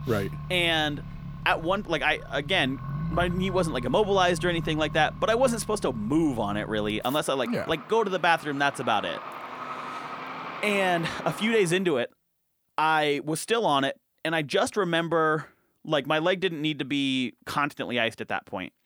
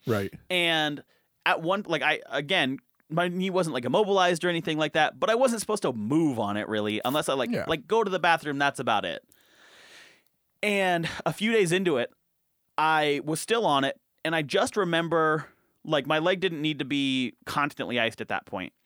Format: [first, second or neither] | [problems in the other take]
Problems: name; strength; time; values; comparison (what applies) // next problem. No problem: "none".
second | traffic noise; noticeable; until 12 s; 10 dB below the speech